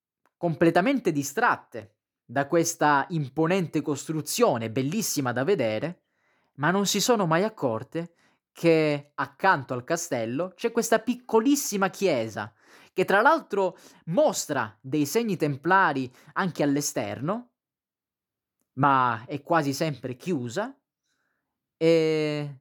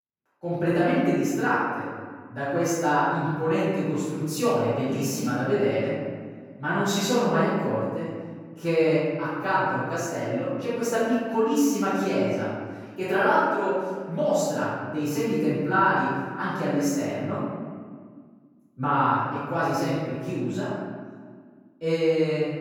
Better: first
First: none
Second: off-mic speech; far // room echo; strong; dies away in 1.7 s

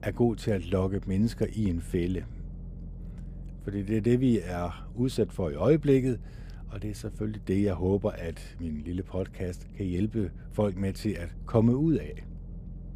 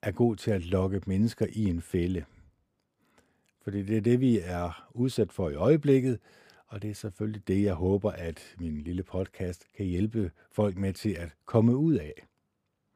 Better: second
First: low rumble; faint; throughout; 25 dB below the speech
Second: none

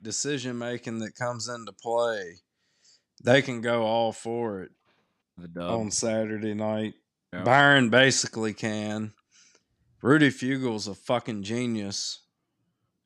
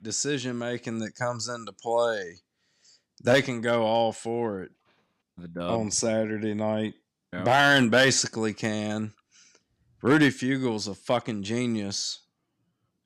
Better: first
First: none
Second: distortion; slight; 0.9% of the sound clipped

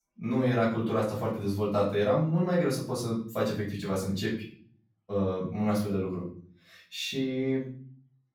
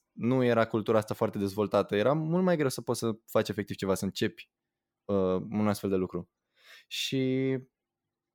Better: second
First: room echo; noticeable; dies away in 0.5 s // off-mic speech; far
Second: none

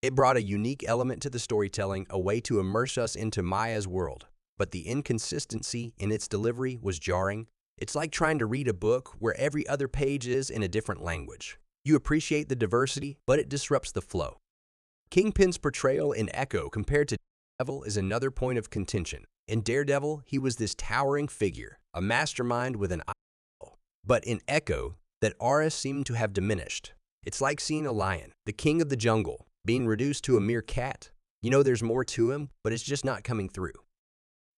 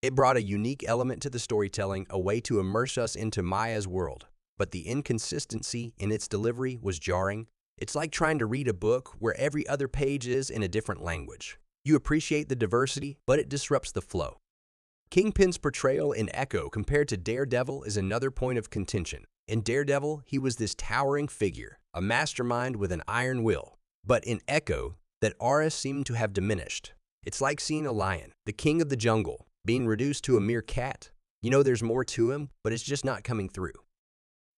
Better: second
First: audio cutting out; at 17 s and at 23 s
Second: none

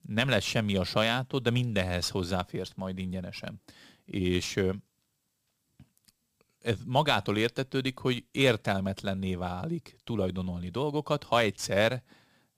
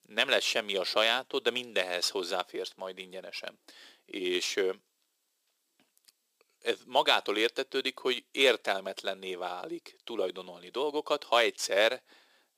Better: first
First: none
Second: thin; very; fading below 350 Hz

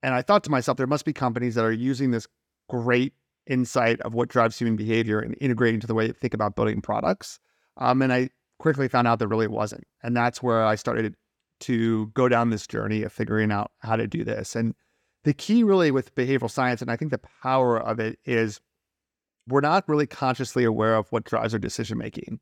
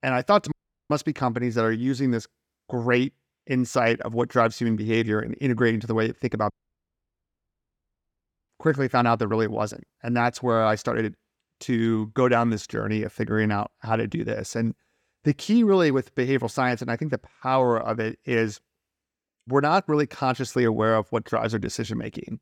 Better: first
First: none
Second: audio cutting out; at 0.5 s and at 6.5 s for 2 s

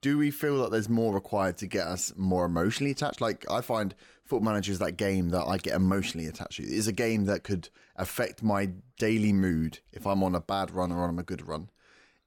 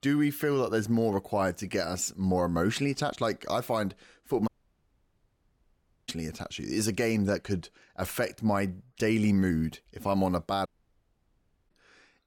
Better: first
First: none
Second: audio cutting out; at 4.5 s for 1.5 s and at 11 s for 1 s

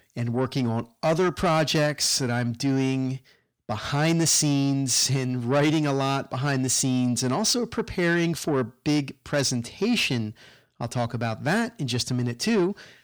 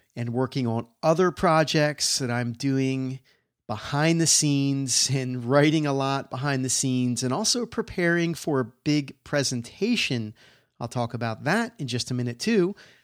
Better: second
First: distortion; slight; 10 dB below the speech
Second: none

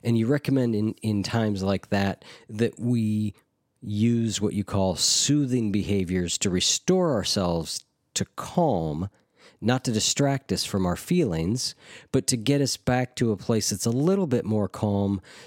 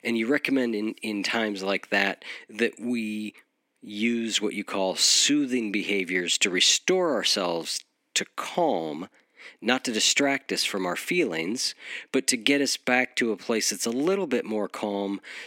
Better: first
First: none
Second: thin; very slightly; fading below 250 Hz

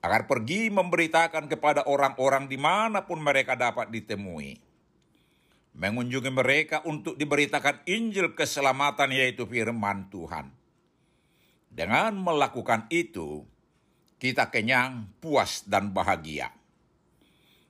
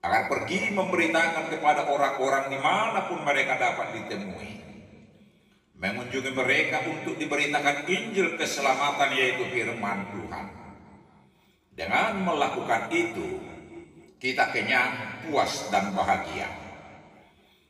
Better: first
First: none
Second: room echo; noticeable; dies away in 1.9 s // off-mic speech; far

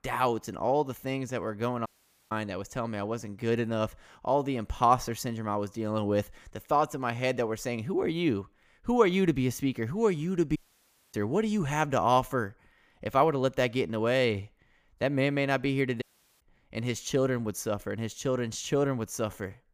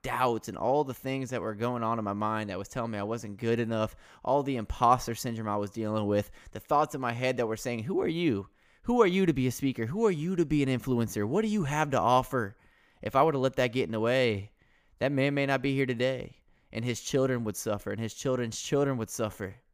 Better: second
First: audio cutting out; at 2 s, at 11 s for 0.5 s and at 16 s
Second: none

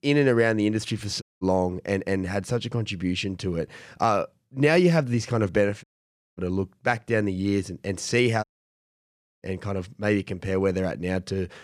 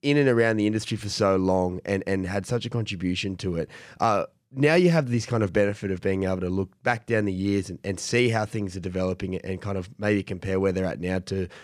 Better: second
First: audio cutting out; at 1 s, at 6 s for 0.5 s and at 8.5 s for 1 s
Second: none

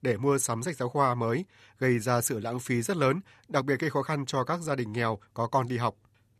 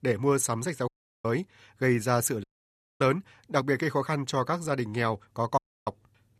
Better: first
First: none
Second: audio cutting out; at 1 s, at 2.5 s for 0.5 s and at 5.5 s

